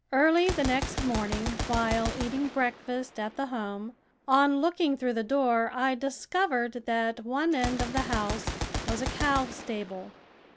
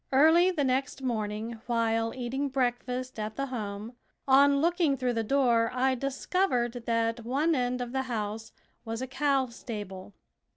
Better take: second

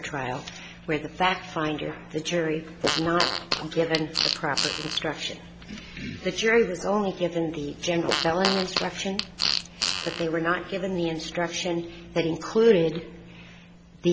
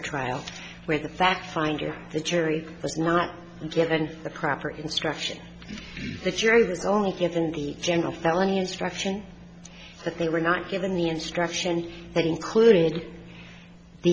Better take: second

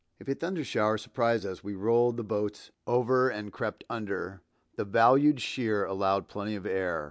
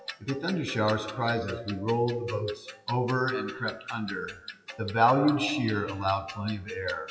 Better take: first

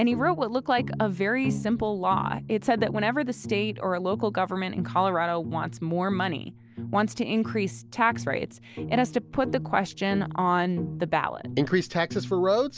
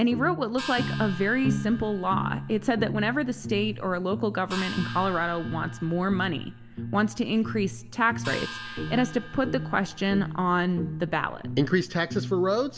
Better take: first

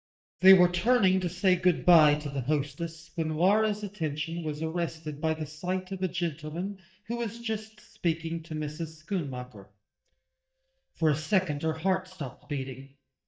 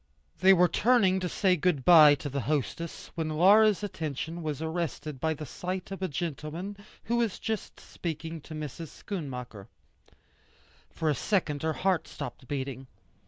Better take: second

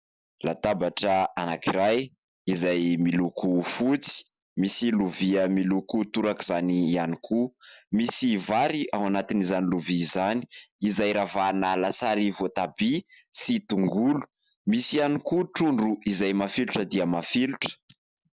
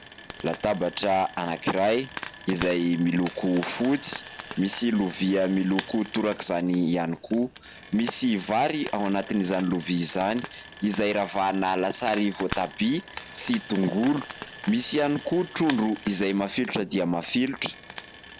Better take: first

